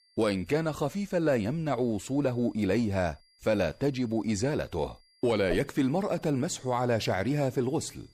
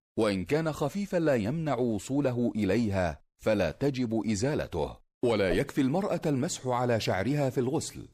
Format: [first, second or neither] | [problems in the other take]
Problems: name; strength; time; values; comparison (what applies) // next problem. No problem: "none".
second | high-pitched whine; faint; throughout; 4.5 kHz, 35 dB below the speech